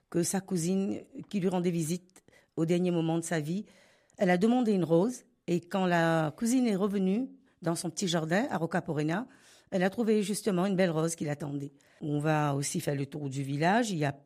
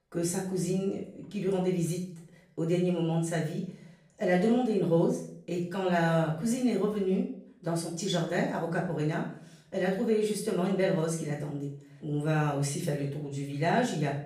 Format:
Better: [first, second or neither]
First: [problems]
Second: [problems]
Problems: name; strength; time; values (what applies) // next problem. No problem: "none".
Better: first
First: none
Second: room echo; slight; dies away in 0.5 s // off-mic speech; far